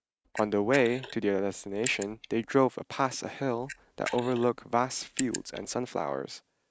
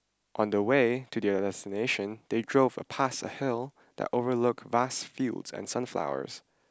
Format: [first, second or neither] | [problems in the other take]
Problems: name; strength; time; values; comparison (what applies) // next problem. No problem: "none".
second | noise reduction (neural mask model RNNoise)